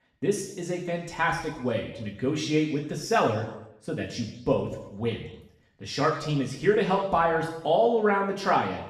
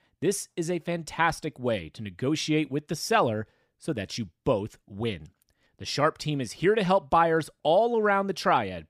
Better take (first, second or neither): second